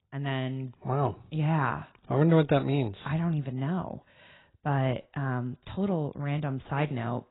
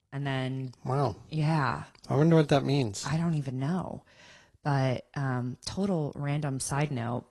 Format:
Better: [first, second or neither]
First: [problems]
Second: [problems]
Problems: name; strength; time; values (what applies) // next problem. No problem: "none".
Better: second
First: garbled, watery; badly; nothing above 4 kHz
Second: garbled, watery; slightly; nothing above 11 kHz